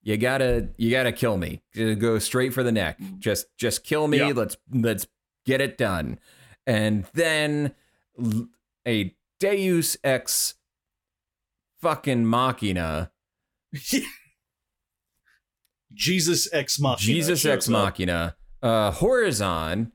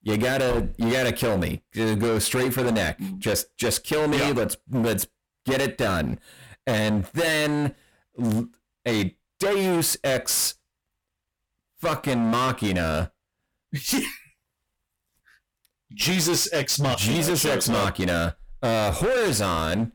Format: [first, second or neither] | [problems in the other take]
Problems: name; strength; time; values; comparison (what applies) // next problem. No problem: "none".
first | distortion; heavy; 22% of the sound clipped